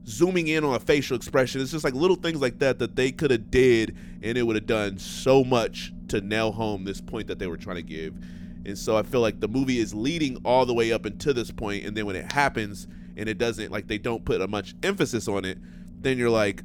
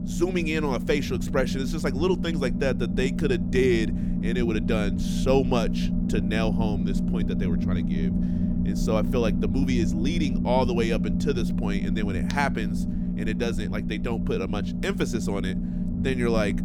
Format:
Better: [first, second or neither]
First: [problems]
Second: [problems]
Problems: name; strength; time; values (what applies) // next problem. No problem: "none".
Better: first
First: low rumble; faint; throughout; 25 dB below the speech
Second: low rumble; loud; throughout; 6 dB below the speech